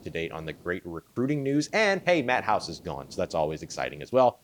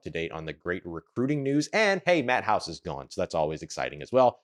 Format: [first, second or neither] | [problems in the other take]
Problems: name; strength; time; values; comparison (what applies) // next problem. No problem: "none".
second | hiss; faint; throughout; 25 dB below the speech